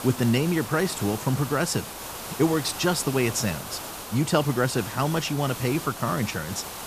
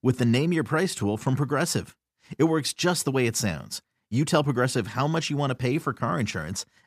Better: second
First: hiss; loud; throughout; 9 dB below the speech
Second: none

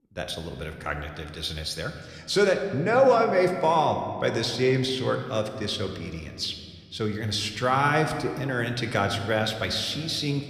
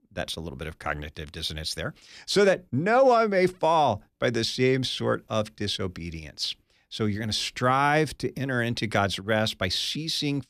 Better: second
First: room echo; slight; dies away in 1.5 s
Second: none

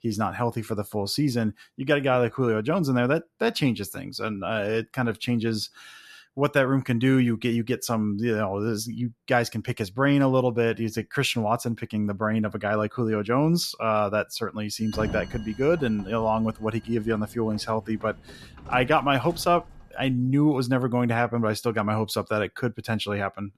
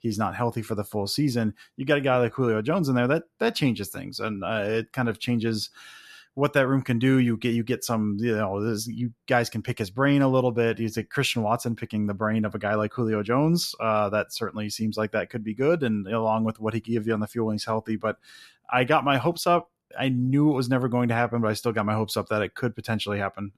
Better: second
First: door banging; noticeable; from 15 to 20 s; peak 8 dB below the speech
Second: none

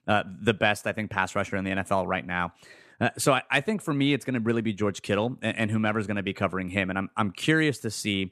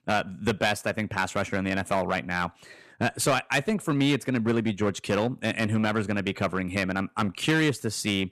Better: first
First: none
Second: distortion; slight; 7% of the sound clipped

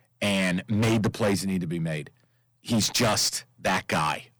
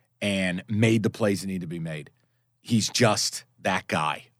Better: second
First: distortion; heavy; 13% of the sound clipped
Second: none

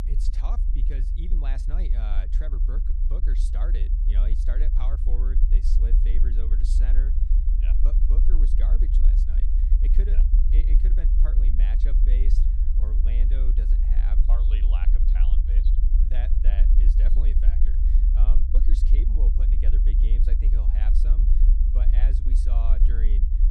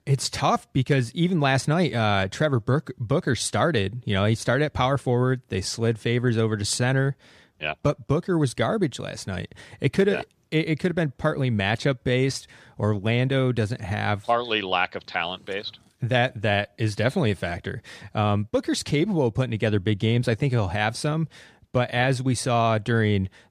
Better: second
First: low rumble; loud; throughout; 1 dB below the speech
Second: none

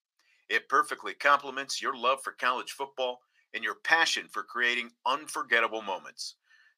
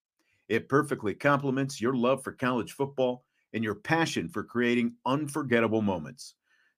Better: second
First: thin; very; fading below 750 Hz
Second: none

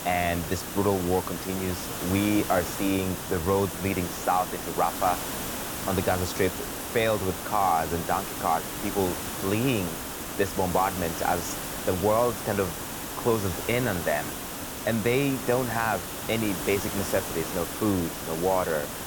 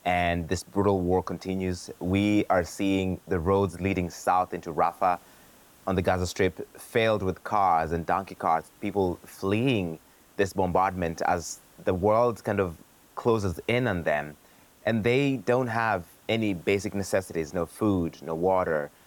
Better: second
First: hiss; loud; throughout; 5 dB below the speech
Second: hiss; faint; throughout; 30 dB below the speech

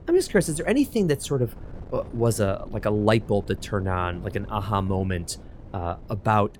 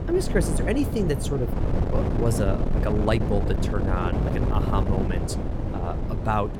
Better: first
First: wind noise on the microphone; occasional gusts; 20 dB below the speech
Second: wind noise on the microphone; heavy; 3 dB below the speech

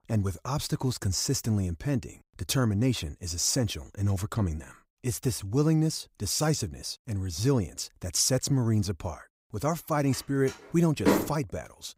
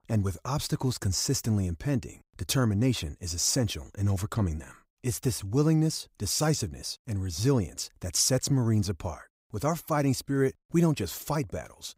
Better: second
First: door banging; loud; at 11 s; peak 3 dB above the speech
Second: none

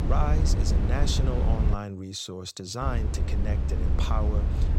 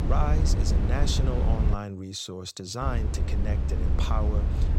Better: neither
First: low rumble; loud; until 1.5 s and from 3 s on; 5 dB below the speech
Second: low rumble; loud; until 1.5 s and from 3 s on; 5 dB below the speech

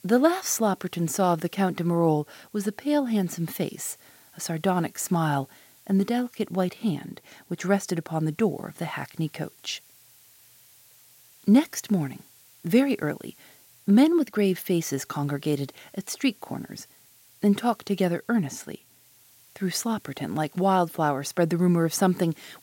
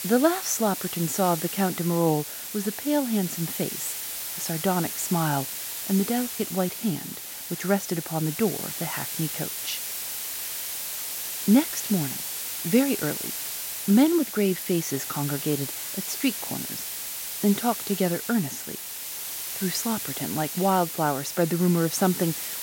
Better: first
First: hiss; faint; throughout; 30 dB below the speech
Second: hiss; loud; throughout; 4 dB below the speech

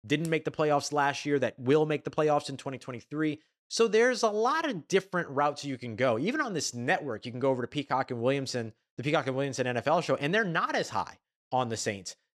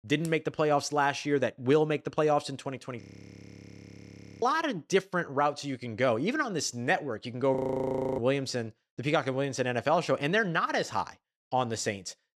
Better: first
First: none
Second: audio freezing; at 3 s for 1.5 s and at 7.5 s for 0.5 s

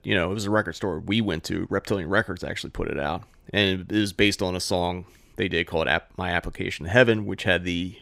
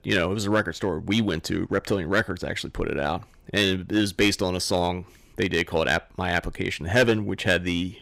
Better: first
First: none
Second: distortion; slight; 3% of the sound clipped

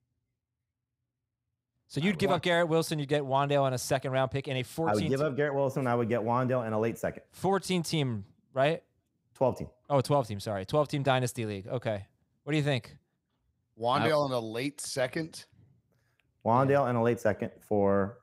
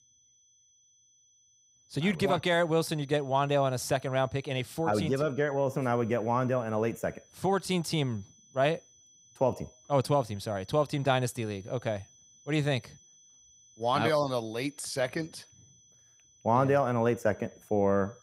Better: first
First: none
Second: high-pitched whine; faint; throughout; 6 kHz, 30 dB below the speech

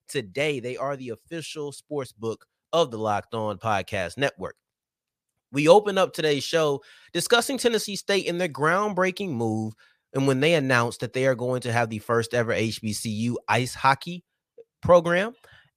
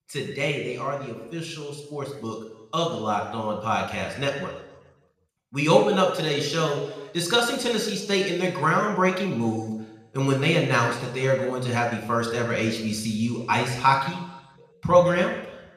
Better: first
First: none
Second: room echo; noticeable; dies away in 1 s // off-mic speech; somewhat distant

